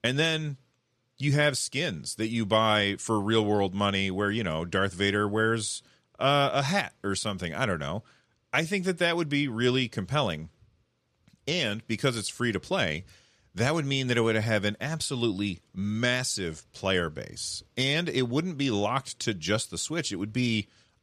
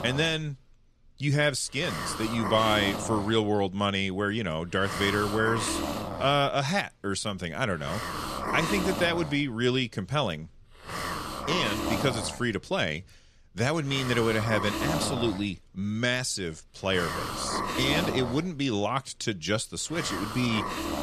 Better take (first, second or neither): first